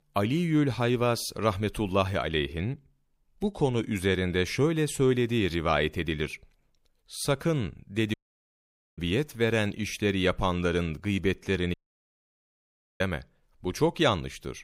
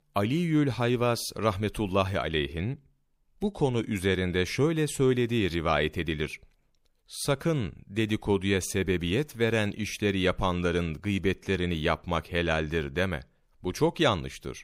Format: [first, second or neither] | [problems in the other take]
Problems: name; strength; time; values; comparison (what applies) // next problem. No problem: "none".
second | audio cutting out; at 8 s for 1 s and at 12 s for 1.5 s